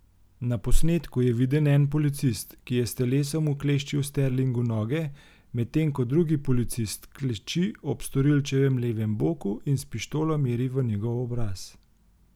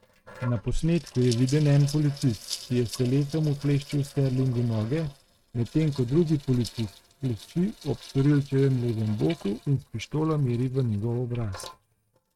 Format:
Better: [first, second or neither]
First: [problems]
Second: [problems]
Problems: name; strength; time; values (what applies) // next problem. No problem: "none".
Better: first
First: none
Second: noise reduction (neural mask model RNNoise)